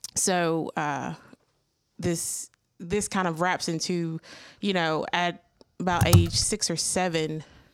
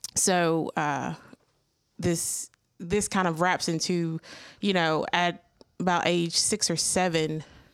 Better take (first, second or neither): second